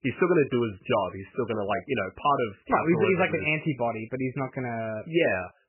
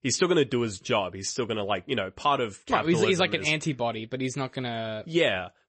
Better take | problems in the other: second | garbled, watery; badly; nothing above 3 kHz; slightly in the second

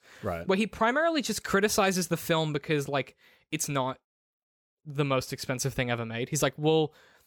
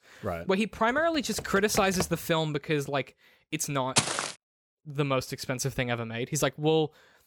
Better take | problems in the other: first | keyboard typing; noticeable; from 1 to 2 s; peak 7 dB below the speech // footsteps; loud; at 4 s; peak 3 dB above the speech

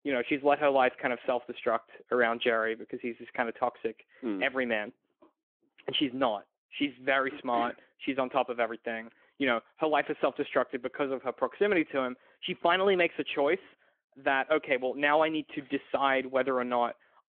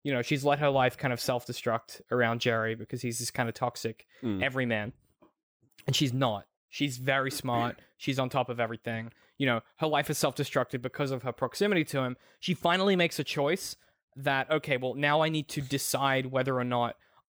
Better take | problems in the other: second | phone-call audio

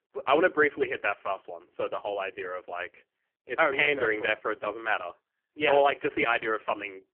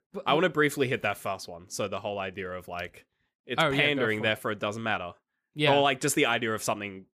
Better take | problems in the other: second | phone-call audio; poor line; nothing above 3 kHz

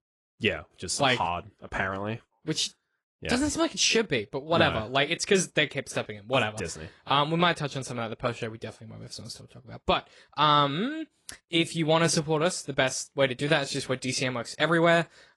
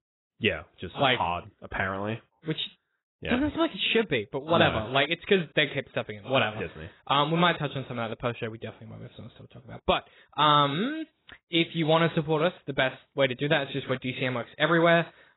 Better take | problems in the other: first | garbled, watery; badly; nothing above 4 kHz; slightly in the first

